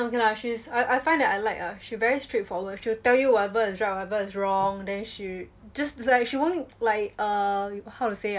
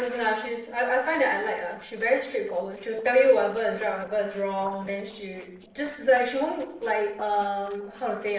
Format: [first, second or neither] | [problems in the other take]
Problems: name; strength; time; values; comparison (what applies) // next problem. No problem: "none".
first | noise reduction (neural separator model SepFormer DNS4)